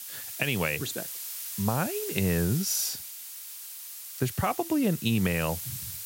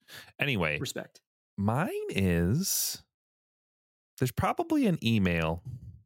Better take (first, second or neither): second